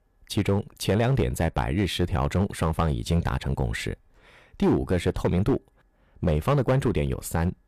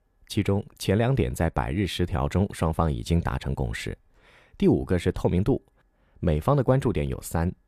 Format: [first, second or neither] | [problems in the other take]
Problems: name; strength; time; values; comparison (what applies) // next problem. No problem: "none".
second | distortion; slight; 6% of the sound clipped